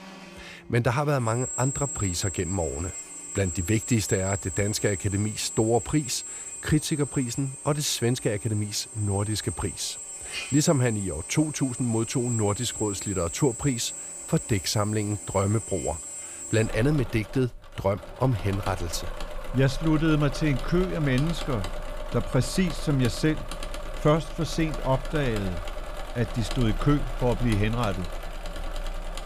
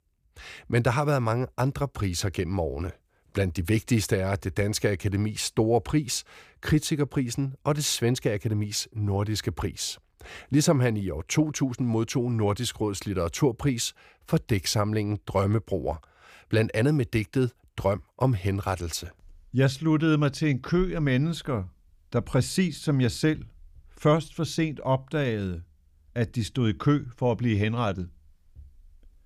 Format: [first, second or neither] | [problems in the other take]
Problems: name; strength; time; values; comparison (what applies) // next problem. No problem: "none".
second | machinery noise; loud; throughout; 8 dB below the speech